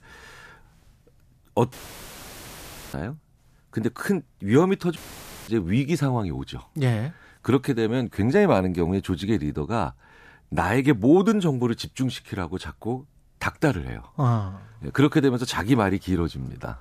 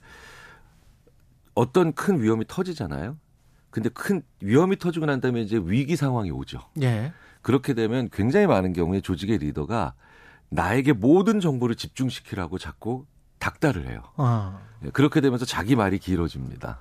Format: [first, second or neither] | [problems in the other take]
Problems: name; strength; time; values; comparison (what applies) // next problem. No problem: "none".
second | audio cutting out; filled with static; at 1.5 s for 1 s and at 5 s for 0.5 s